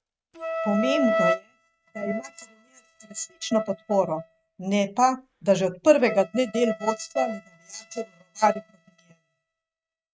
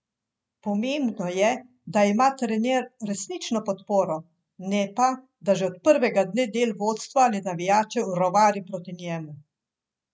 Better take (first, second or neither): second